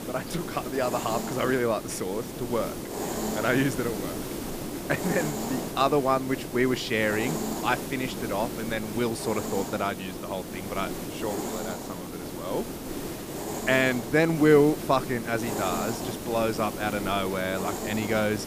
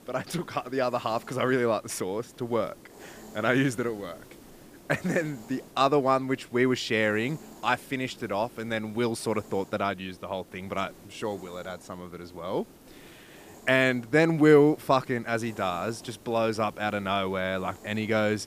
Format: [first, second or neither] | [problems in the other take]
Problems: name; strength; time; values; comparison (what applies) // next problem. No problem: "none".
second | hiss; loud; throughout; 6 dB below the speech; faint in the second